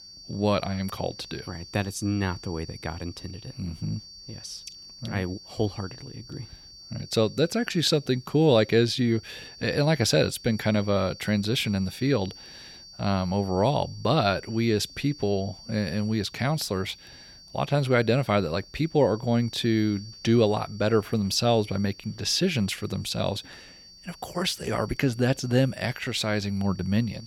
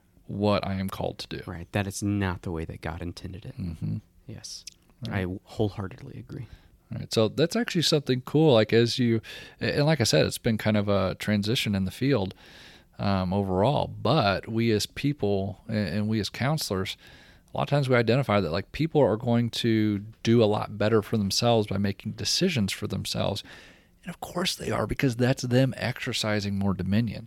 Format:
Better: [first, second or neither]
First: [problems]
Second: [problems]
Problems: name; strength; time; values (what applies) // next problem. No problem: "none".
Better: second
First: high-pitched whine; noticeable; throughout; 4.5 kHz, 20 dB below the speech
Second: none